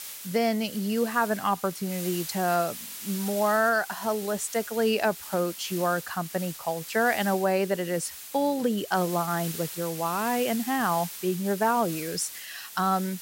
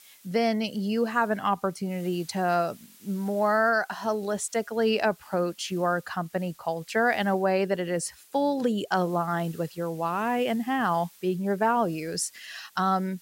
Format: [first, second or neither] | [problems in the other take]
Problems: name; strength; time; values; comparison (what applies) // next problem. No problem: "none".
second | hiss; loud; throughout; 10 dB below the speech; faint in the second